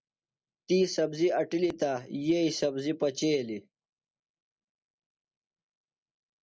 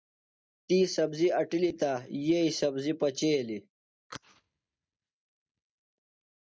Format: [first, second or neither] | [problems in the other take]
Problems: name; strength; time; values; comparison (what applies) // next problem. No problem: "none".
first | noise reduction (neural mask model DeepFilterNet 3)